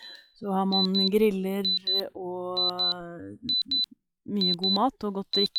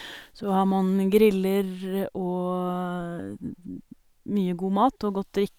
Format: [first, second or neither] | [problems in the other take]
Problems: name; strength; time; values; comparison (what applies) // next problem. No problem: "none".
second | noise reduction (classical method log-MMSE)